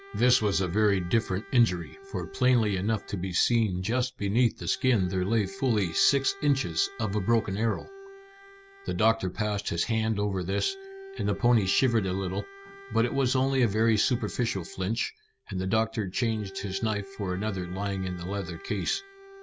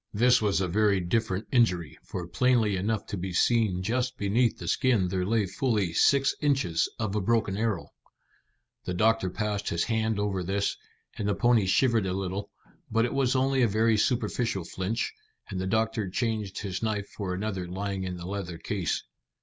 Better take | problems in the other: second | background sound (Bowed string instrument); 20 dB below the speech

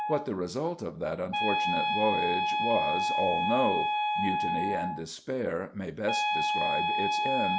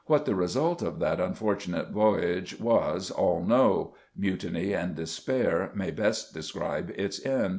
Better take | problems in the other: second | background sound (Wind instrument, woodwind instrument); 3 dB above the speech

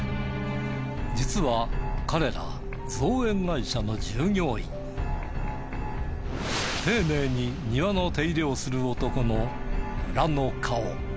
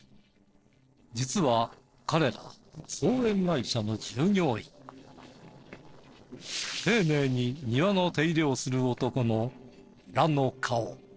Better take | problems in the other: first | noise reduction (neural separator model SepFormer DNS4)

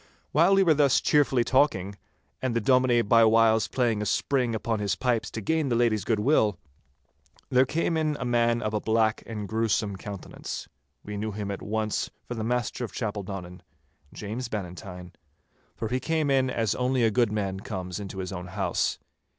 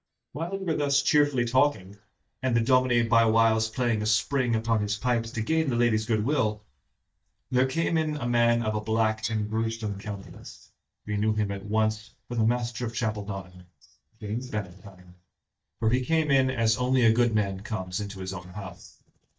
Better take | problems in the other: first | noise reduction (neural mask model DeepFilterNet 3)

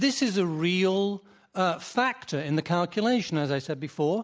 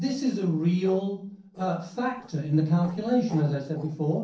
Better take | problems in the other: first | noise reduction (neural separator model SepFormer DNS4)

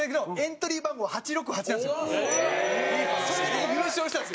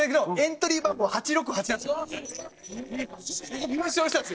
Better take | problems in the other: first | noise reduction (neural separator model SepFormer DNS4)

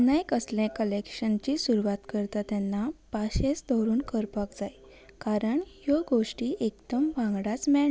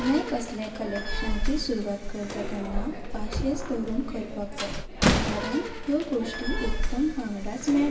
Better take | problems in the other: first | background sound (Slam); as loud as the speech // room echo; dies away in 0.9 s

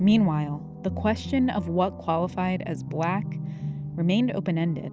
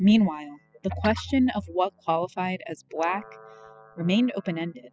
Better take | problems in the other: first | noise reduction (classical method spectral subtraction)

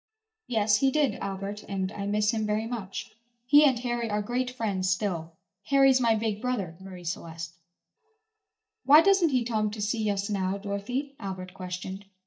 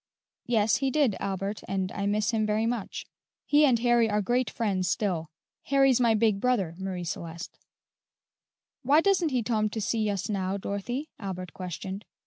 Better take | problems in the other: second | noise reduction (neural mask model DeepFilterNet 3)

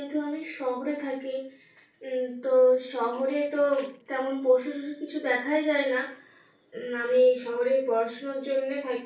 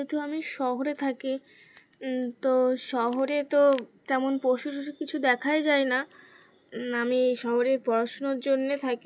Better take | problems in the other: second | room echo; dies away in 0.4 s

